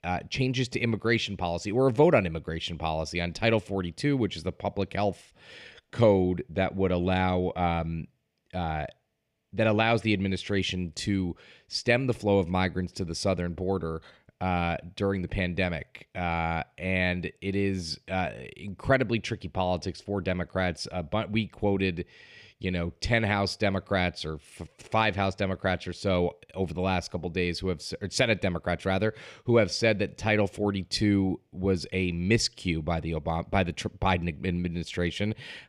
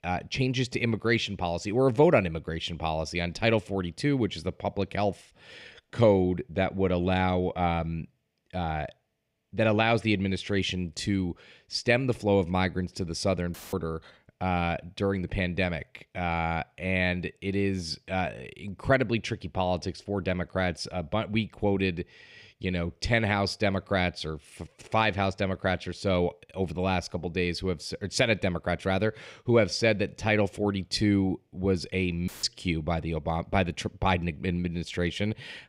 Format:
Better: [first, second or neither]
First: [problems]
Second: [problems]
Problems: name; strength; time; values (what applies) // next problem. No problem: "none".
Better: first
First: none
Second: audio cutting out; filled with static; at 14 s and at 32 s